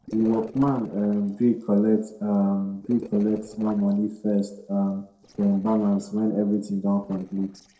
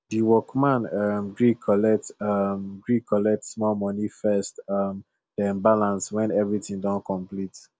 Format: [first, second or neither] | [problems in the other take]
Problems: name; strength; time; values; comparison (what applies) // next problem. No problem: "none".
second | noise reduction (neural separator model SepFormer DNS4)